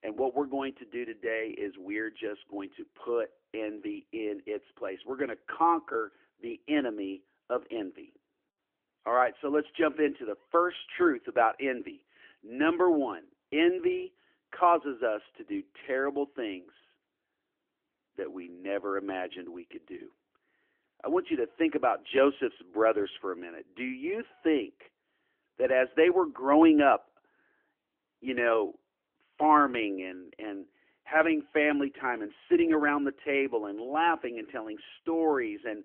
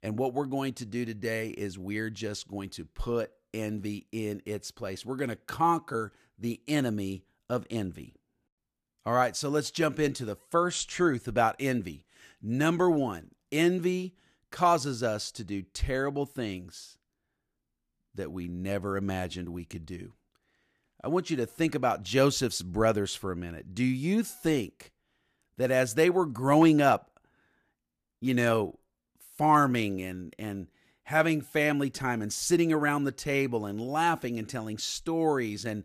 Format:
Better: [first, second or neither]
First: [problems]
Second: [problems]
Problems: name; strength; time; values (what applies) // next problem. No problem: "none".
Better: second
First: phone-call audio; nothing above 3.5 kHz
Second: none